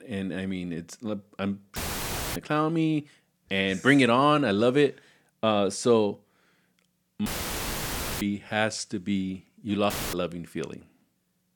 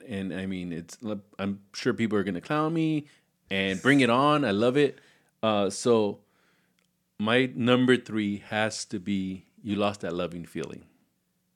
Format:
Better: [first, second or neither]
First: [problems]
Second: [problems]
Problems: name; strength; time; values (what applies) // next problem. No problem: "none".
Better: second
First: audio cutting out; filled with static; at 2 s for 0.5 s, at 7.5 s for 1 s and at 10 s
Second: none